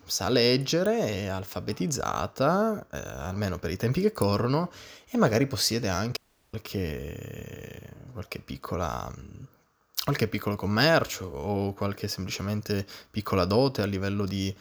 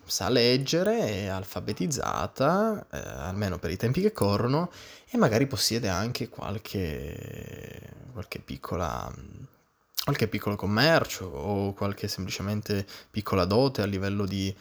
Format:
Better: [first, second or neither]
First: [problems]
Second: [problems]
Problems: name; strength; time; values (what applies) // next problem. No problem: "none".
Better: second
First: audio cutting out; at 6 s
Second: none